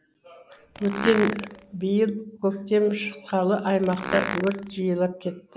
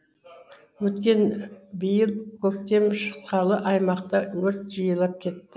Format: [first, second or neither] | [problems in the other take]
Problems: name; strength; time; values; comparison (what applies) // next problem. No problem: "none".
second | background sound (Fart); 8 dB below the speech